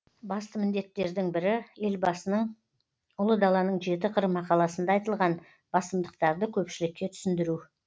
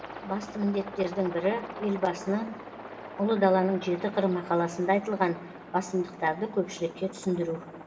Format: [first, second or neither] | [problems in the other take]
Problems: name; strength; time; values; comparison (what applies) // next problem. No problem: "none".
first | background sound (Aircraft); 13 dB below the speech // room echo; dies away in 1.6 s